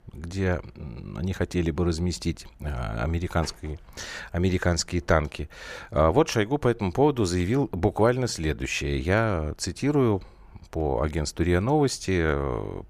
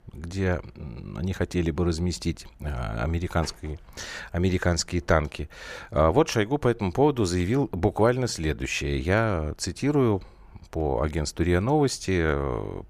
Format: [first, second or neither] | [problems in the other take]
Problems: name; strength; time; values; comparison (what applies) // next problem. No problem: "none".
neither | none